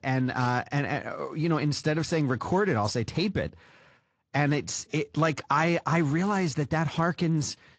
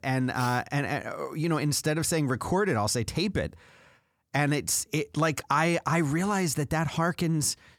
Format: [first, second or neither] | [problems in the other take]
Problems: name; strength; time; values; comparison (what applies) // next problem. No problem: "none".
second | garbled, watery; slightly; nothing above 7.5 kHz